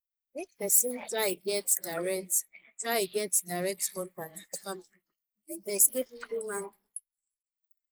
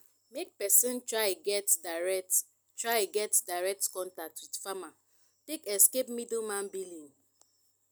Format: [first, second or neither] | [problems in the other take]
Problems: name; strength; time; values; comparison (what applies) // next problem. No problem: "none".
second | noise reduction (neural mask model Resemble Enhance denoiser)